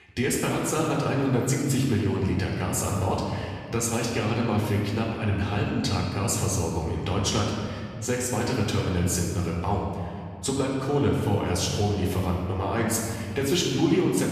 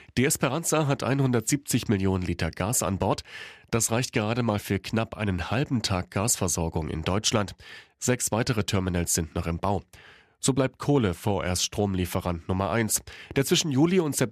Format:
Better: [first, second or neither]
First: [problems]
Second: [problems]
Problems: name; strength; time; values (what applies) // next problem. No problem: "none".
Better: second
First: room echo; noticeable; dies away in 2.1 s // off-mic speech; far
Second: none